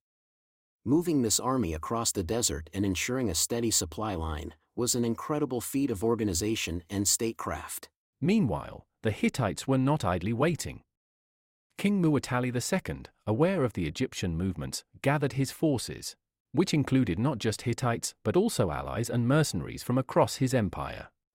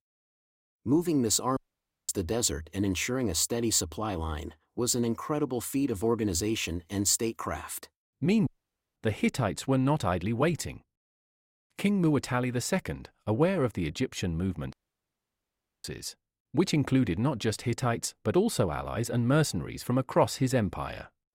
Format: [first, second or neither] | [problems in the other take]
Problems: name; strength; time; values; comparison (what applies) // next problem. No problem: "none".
first | audio cutting out; at 1.5 s for 0.5 s, at 8.5 s and at 15 s for 1 s